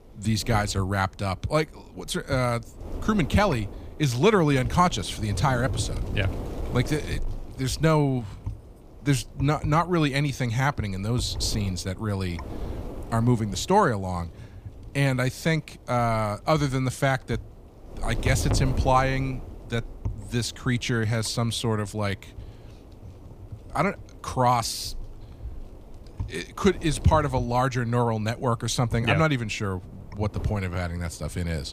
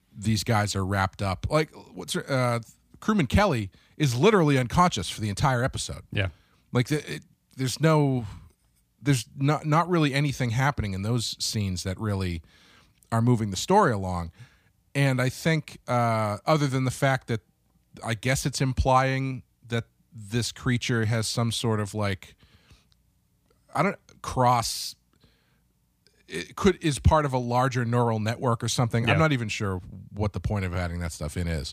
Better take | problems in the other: second | wind noise on the microphone; occasional gusts; 20 dB below the speech

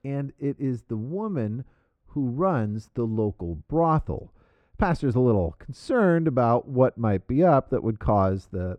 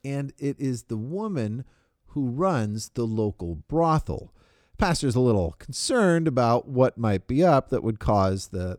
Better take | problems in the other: second | muffled; very; fading above 3 kHz

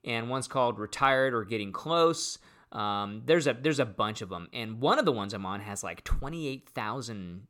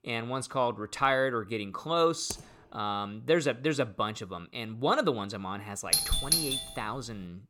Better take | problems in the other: first | keyboard typing; faint; at 2.5 s; peak 10 dB below the speech // doorbell; loud; at 6 s; peak 5 dB above the speech

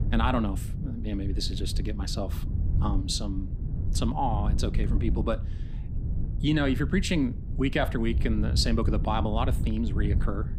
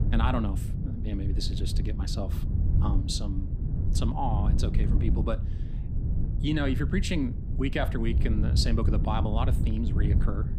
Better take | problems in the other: first | wind noise on the microphone; heavy; 8 dB below the speech; occasional gusts in the first

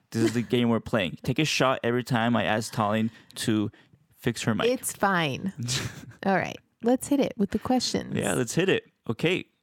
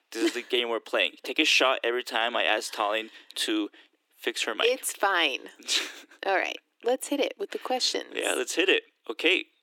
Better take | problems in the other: first | thin; very; fading below 300 Hz

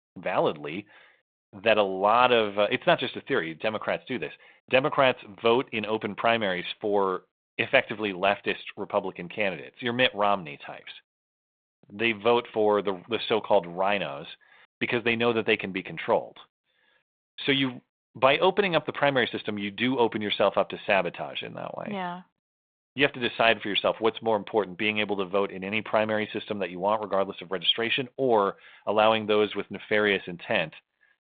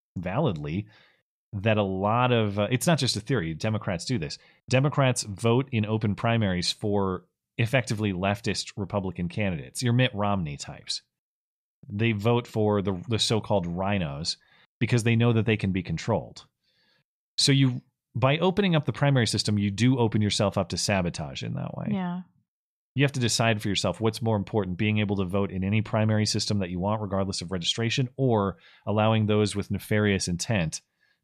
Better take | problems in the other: second | phone-call audio

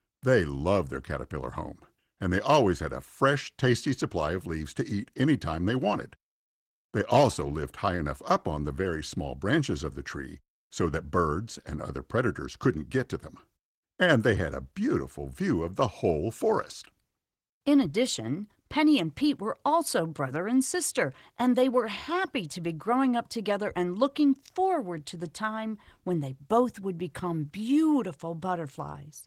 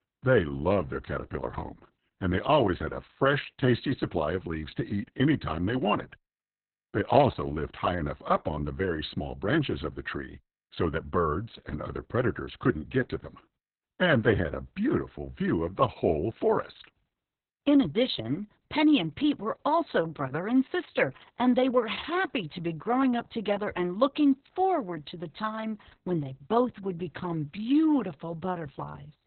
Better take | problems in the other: first | garbled, watery; badly; nothing above 4 kHz; slightly in the first

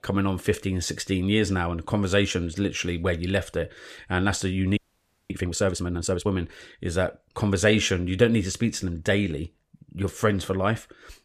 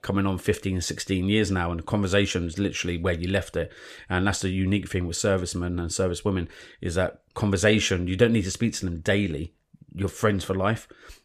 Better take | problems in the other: second | audio freezing; at 5 s for 0.5 s

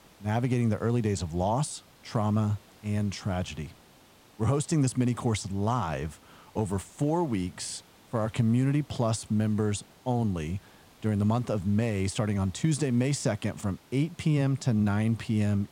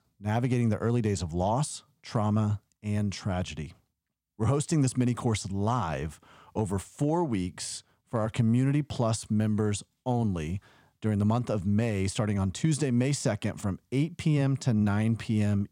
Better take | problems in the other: second | hiss; faint; throughout; 25 dB below the speech

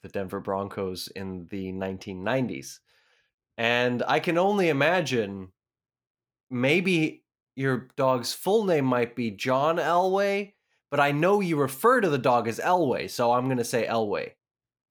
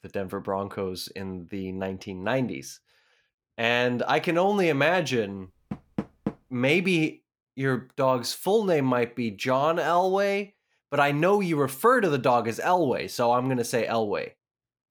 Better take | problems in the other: first | door banging; noticeable; at 5.5 s; peak 8 dB below the speech

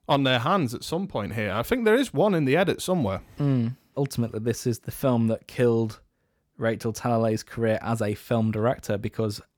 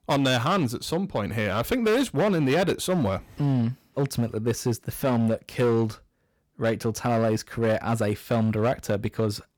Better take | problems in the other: first | distortion; slight; 10% of the sound clipped

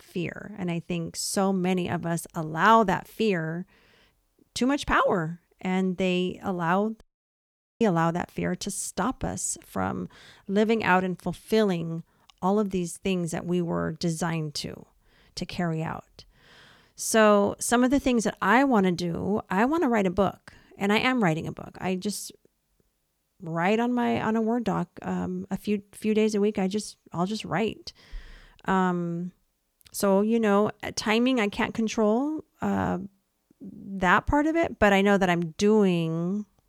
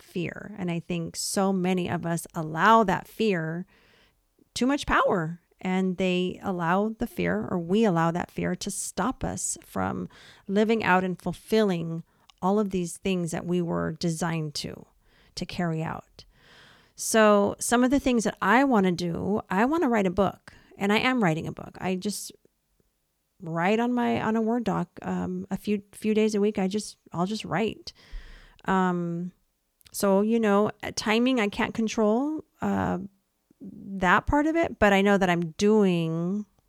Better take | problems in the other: second | audio cutting out; at 7 s for 1 s

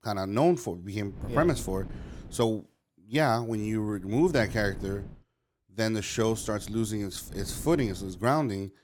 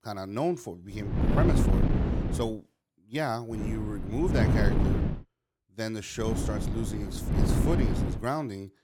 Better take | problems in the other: first | wind noise on the microphone; heavy; from 1 to 2.5 s, from 3.5 to 5 s and from 6.5 to 8 s; 1 dB below the speech; occasional gusts in the first

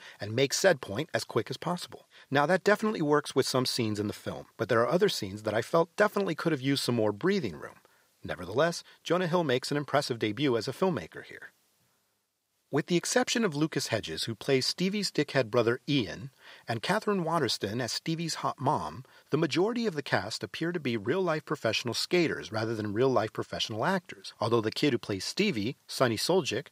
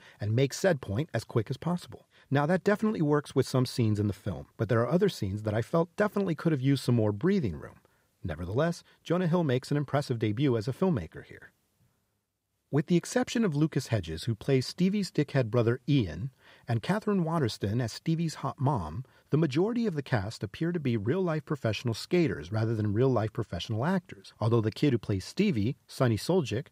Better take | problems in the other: second | thin; somewhat; fading below 550 Hz

